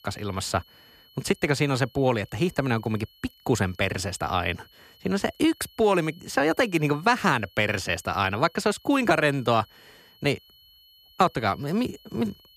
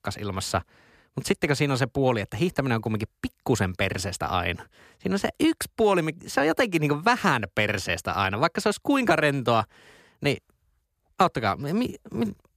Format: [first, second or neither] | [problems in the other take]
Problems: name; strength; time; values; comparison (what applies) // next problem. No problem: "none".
second | high-pitched whine; faint; throughout; 3 kHz, 30 dB below the speech